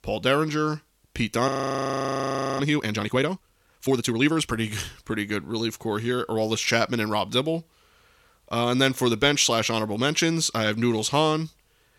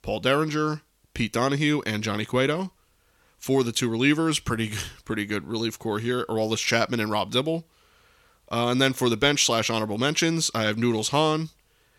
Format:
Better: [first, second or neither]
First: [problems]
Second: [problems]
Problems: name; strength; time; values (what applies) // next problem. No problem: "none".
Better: second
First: audio freezing; at 1.5 s for 1 s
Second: none